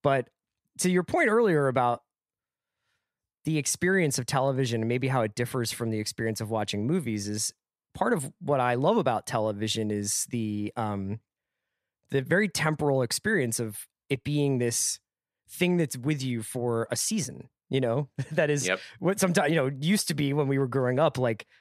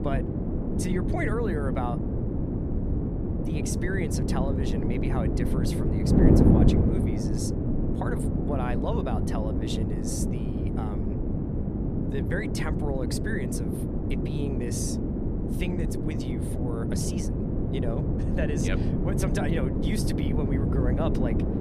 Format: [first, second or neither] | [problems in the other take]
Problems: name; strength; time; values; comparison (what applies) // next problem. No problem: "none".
first | wind noise on the microphone; heavy; 2 dB above the speech